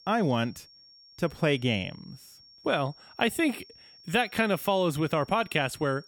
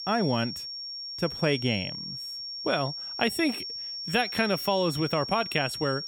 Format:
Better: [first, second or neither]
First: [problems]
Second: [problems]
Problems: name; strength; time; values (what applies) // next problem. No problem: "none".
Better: first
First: high-pitched whine; faint; throughout; 5.5 kHz, 25 dB below the speech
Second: high-pitched whine; loud; throughout; 5.5 kHz, 6 dB below the speech